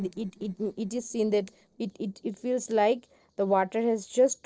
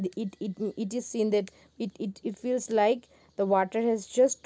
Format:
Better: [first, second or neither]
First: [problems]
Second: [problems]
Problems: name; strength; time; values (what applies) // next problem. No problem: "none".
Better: second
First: noise reduction (neural separator model SepFormer DNS4)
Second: none